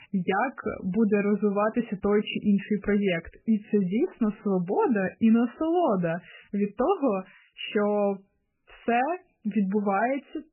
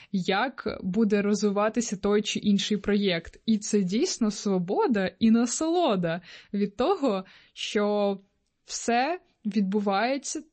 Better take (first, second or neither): second